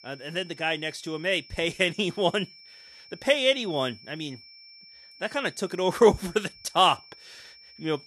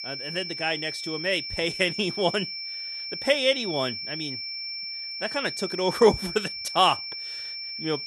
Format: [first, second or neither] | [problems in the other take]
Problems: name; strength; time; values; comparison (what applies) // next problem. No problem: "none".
first | high-pitched whine; loud; throughout; 5.5 kHz, 6 dB below the speech; faint in the first